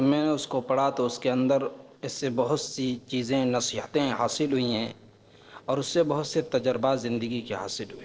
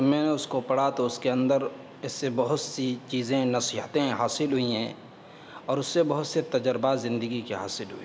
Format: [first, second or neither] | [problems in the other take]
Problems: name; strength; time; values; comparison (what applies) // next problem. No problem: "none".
second | noise reduction (neural separator model SepFormer DNS4)